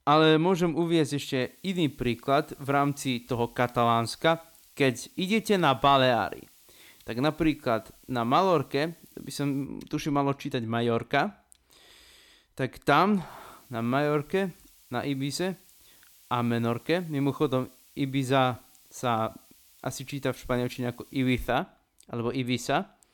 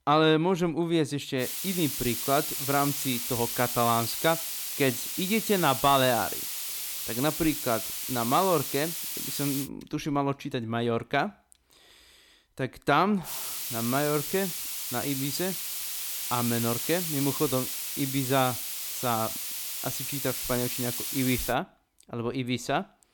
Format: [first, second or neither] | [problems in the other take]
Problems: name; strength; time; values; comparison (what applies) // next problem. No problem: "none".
first | hiss; loud; from 1.5 to 9.5 s and from 13 to 22 s; 2 dB below the speech; faint in the first